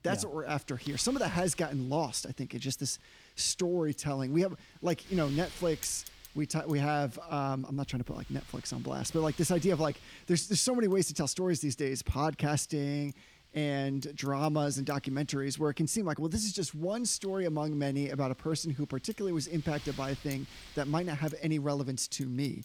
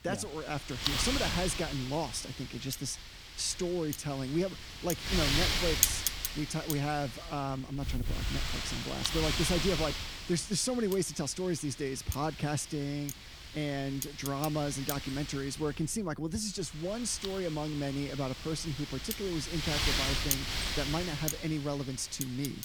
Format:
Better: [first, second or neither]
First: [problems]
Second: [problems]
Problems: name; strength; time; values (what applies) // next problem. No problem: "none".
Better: first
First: wind noise on the microphone; occasional gusts; 20 dB below the speech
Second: wind noise on the microphone; heavy; 1 dB above the speech